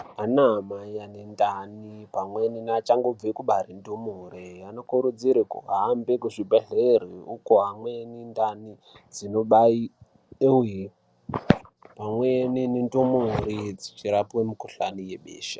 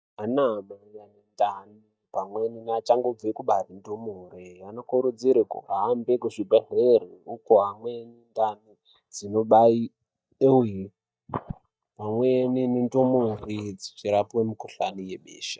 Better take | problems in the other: first | noise reduction (neural mask model DeepFilterNet 3)

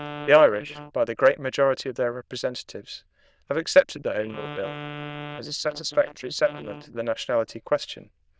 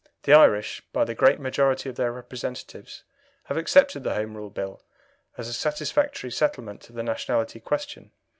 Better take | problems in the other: second | noise reduction (neural diffusion model UNIVERSE++)

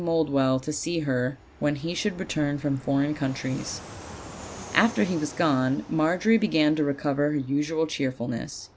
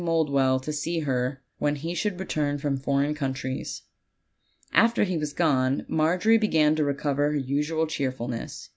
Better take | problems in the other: second | background sound (Fixed-wing aircraft, airplane); 18 dB below the speech

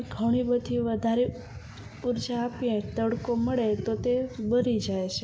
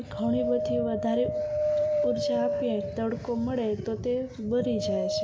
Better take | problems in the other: first | background sound (Wind); 1 dB below the speech

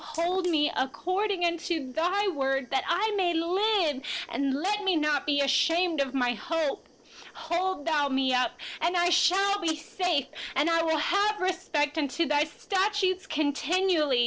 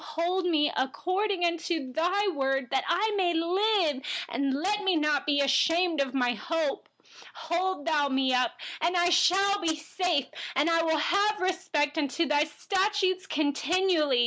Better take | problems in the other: second | noise reduction (neural separator model SepFormer DNS4)

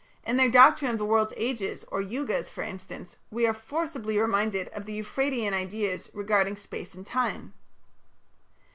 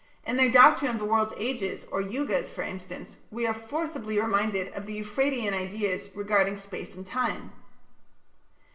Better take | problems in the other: first | room echo; dies away in 0.7 s

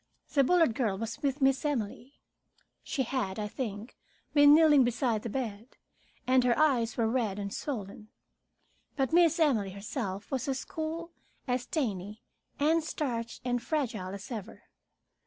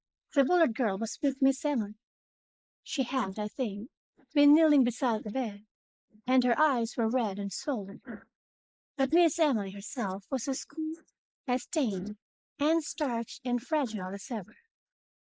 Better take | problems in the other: first | noise reduction (neural mask model Resemble Enhance denoiser)

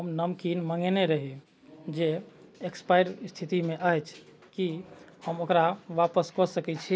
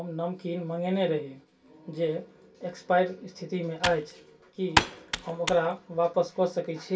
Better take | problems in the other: first | background sound (Computer keyboard); 3 dB below the speech // room echo; dies away in 0.2 s

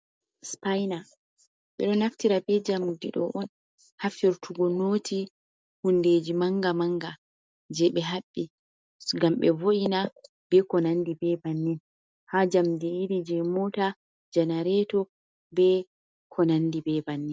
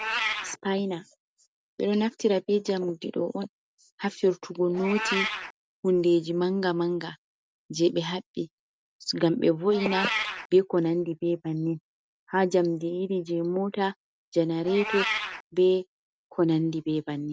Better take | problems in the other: first | background sound (Meow); 11 dB below the speech

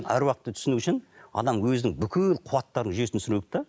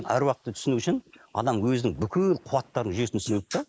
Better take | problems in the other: first | noise reduction (neural mask model Resemble Enhance denoiser)

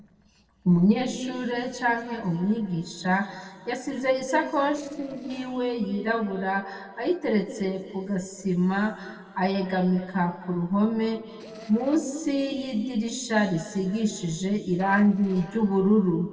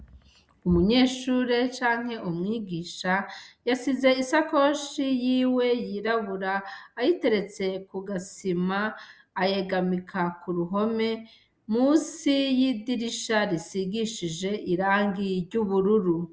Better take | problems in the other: second | noise reduction (neural separator model SepFormer DNS4)

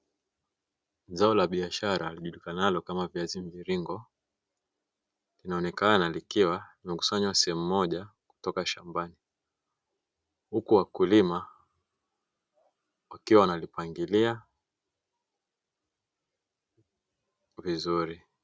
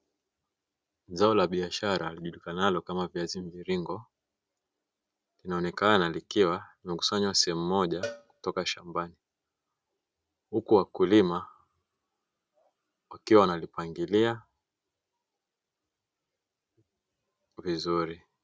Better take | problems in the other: first | background sound (Cowbell); 16 dB below the speech

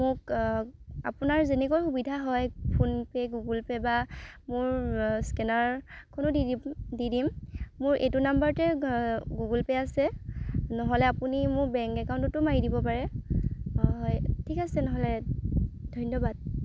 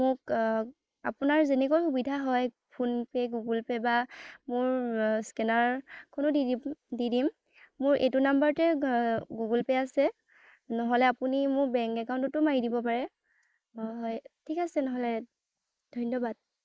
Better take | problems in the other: first | noise reduction (neural mask model Resemble Enhance denoiser)

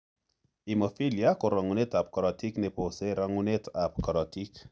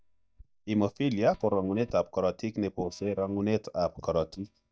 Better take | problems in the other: first | noise reduction (neural mask model DeepFilterNet 3)

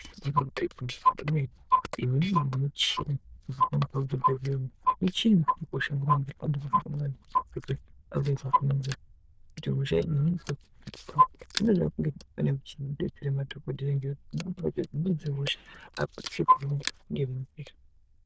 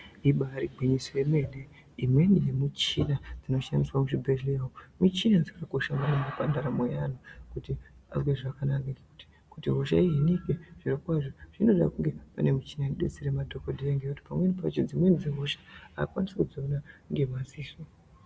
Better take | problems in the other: second | noise reduction (neural diffusion model UNIVERSE++)

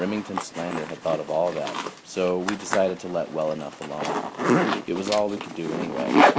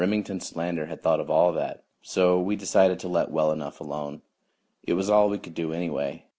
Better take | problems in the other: second | background sound (Zipper (clothing)); 1 dB above the speech

